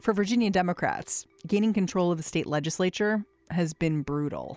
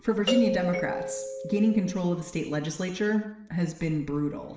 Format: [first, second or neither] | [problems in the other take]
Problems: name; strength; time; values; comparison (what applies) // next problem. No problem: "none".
first | background sound (Doorbell); 4 dB below the speech // room echo; dies away in 0.7 s